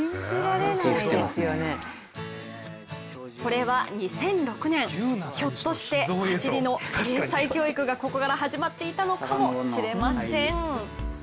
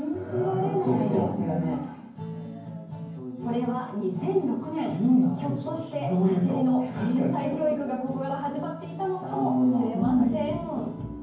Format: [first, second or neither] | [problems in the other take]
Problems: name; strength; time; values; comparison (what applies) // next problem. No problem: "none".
first | room echo; dies away in 0.9 s